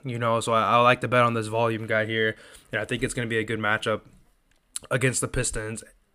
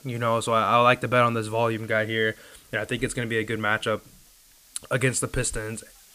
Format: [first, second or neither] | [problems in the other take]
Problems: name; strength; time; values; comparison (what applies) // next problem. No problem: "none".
first | hiss; faint; throughout; 25 dB below the speech